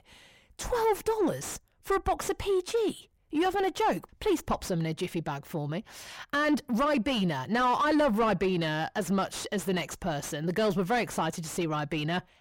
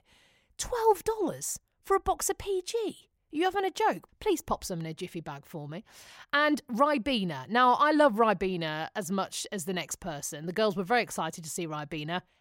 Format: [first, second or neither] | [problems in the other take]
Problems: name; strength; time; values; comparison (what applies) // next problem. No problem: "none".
second | distortion; heavy; 6 dB below the speech